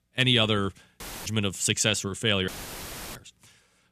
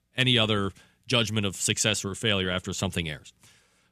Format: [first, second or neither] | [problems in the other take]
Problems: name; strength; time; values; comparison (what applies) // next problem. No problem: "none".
second | audio cutting out; filled with static; at 1 s and at 2.5 s for 0.5 s